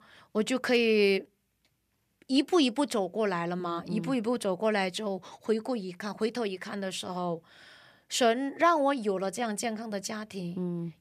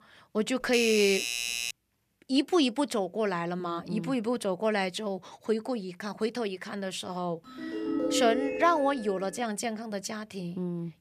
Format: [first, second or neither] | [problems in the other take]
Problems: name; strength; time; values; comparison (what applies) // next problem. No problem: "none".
first | doorbell; loud; from 0.5 to 1.5 s; peak level with the speech // phone ringing; loud; from 7.5 to 9 s; peak level with the speech